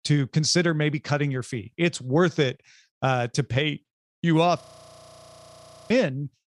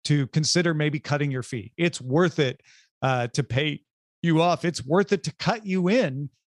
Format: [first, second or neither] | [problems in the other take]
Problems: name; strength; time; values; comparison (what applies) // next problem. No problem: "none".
second | audio freezing; at 4.5 s for 1.5 s